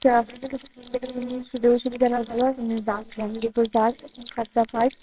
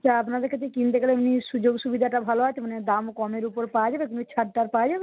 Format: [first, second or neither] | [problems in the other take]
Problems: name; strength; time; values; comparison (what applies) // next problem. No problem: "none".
second | noise reduction (neural separator model SepFormer WHAMR!)